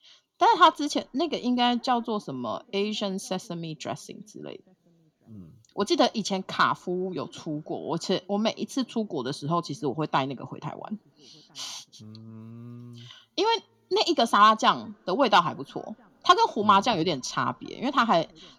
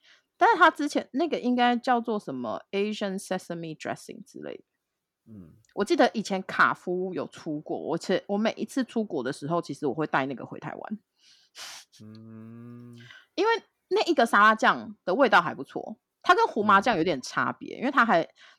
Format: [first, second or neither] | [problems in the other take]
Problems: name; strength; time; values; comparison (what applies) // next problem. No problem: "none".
second | room echo; slight; dies away in 3 s